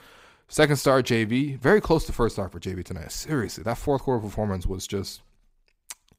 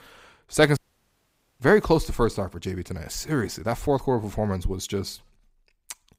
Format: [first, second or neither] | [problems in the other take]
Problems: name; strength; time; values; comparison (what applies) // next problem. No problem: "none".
first | audio cutting out; at 1 s for 1 s